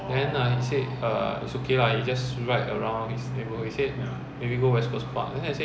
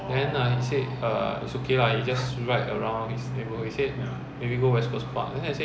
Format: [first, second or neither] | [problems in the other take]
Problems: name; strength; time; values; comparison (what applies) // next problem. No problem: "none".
first | background sound (Breathing); 19 dB below the speech